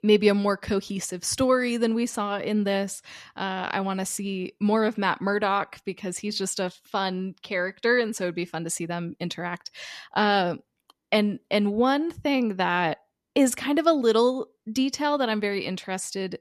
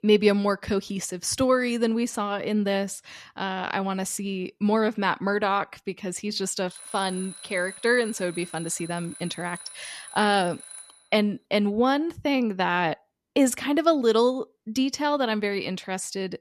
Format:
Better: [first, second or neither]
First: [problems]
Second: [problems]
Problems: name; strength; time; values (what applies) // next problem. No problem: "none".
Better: first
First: none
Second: alarm; faint; from 6.5 to 11 s; peak 10 dB below the speech